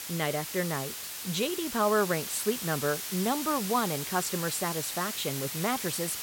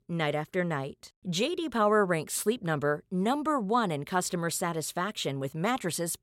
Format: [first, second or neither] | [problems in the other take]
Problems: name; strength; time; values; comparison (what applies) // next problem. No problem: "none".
second | hiss; loud; throughout; 4 dB below the speech